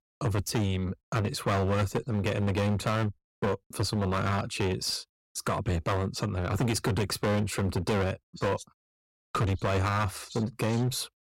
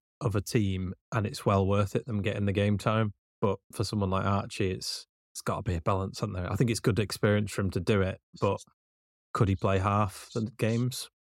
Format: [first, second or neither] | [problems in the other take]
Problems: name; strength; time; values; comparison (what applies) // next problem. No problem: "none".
second | distortion; heavy; 17% of the sound clipped